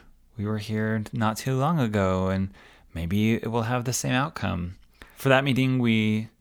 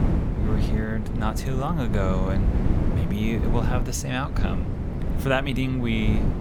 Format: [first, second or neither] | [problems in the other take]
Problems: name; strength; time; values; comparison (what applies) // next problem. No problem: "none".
first | wind noise on the microphone; heavy; 6 dB below the speech